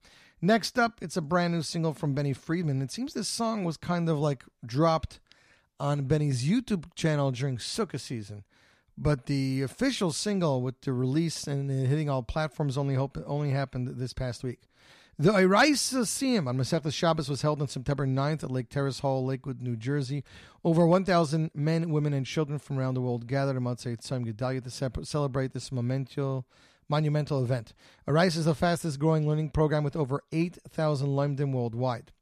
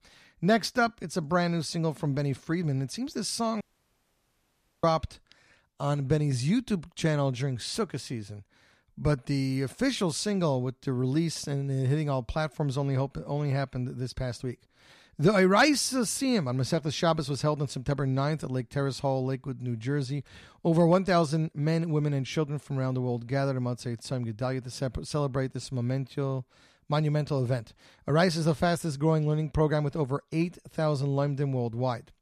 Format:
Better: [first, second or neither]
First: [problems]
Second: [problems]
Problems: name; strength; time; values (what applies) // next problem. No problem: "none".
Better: first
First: none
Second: audio cutting out; at 3.5 s for 1 s